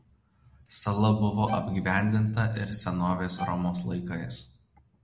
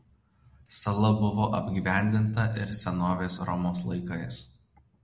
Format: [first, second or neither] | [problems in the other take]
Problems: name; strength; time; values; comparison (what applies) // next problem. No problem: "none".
second | background sound (Bowed string instrument); 14 dB below the speech